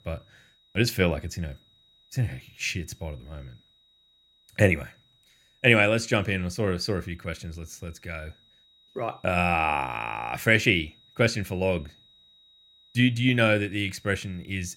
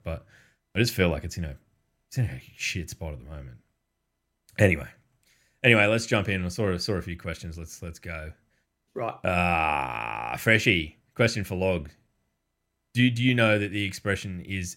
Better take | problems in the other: second | high-pitched whine; faint; throughout; 4 kHz, 30 dB below the speech

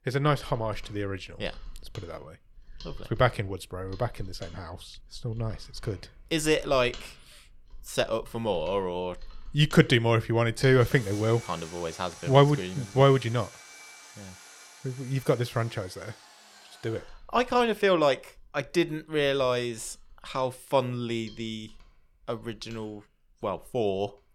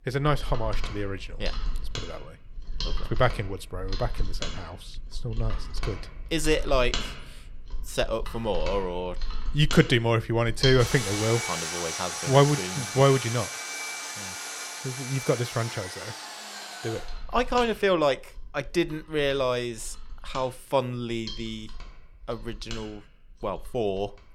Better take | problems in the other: first | machinery noise; loud; throughout; 7 dB below the speech; faint in the first

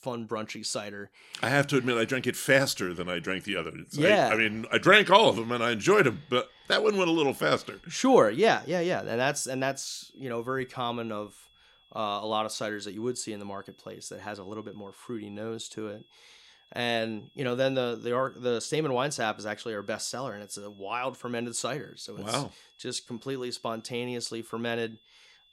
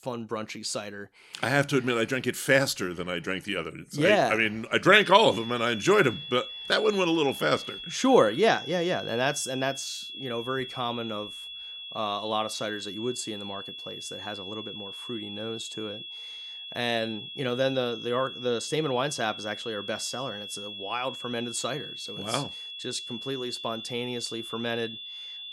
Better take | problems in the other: first | high-pitched whine; loud; from 5 s on; 3.5 kHz, 10 dB below the speech; faint in the first

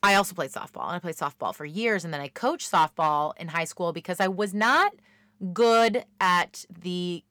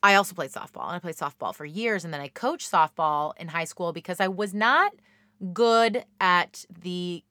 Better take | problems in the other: second | distortion; slight; 2% of the sound clipped

